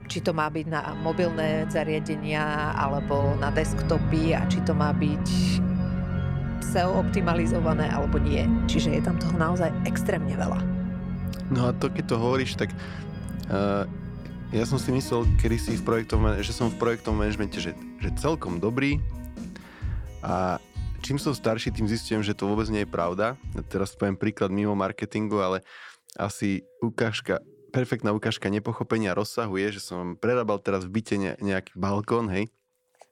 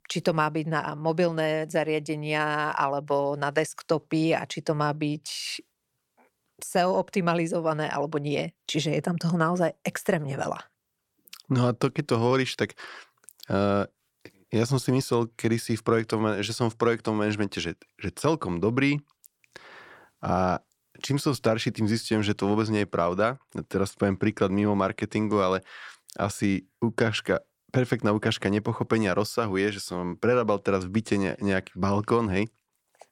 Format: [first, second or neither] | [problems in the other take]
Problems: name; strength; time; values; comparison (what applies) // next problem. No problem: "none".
second | background music; loud; throughout; 2 dB below the speech